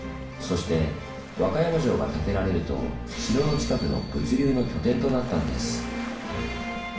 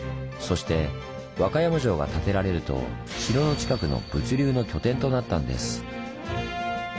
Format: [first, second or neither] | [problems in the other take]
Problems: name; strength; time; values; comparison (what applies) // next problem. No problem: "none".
second | background sound (Waves, surf); 18 dB below the speech // room echo; dies away in 0.6 s